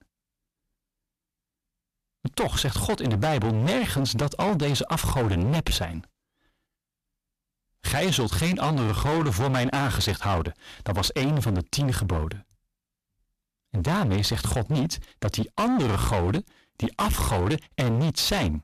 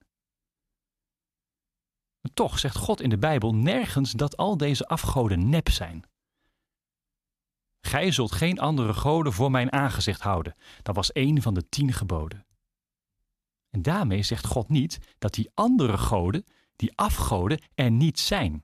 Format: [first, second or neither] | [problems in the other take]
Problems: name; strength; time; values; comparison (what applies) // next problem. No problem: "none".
second | distortion; heavy; 21% of the sound clipped